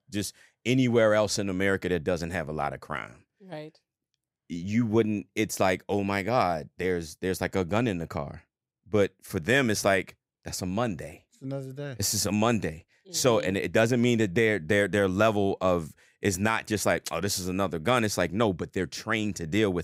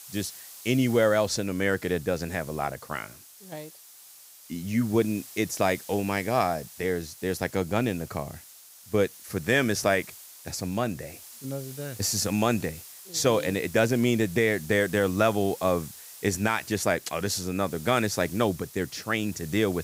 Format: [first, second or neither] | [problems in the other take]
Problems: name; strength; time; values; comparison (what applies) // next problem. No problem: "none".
first | hiss; noticeable; throughout; 15 dB below the speech